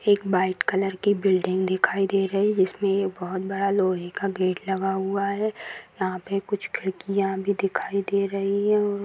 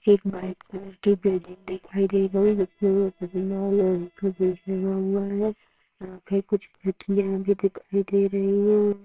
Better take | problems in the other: first | noise reduction (neural separator model SepFormer WHAMR!)

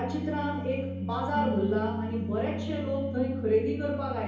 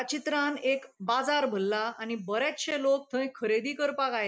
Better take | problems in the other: second | background sound (Piano); 3 dB below the speech // room echo; dies away in 2.2 s

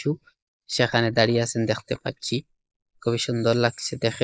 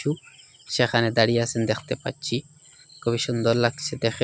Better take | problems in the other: second | noise reduction (neural mask model Resemble Enhance denoiser)

